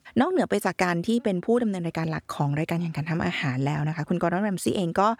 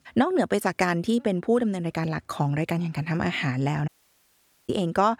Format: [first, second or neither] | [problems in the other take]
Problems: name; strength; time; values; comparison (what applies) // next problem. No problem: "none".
first | audio cutting out; at 4 s for 1 s